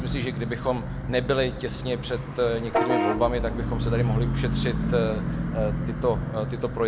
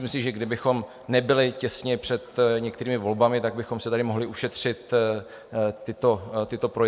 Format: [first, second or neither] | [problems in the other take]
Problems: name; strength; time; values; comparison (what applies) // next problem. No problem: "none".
second | background sound (Bus / Vehicle horn, car horn, honking); as loud as the speech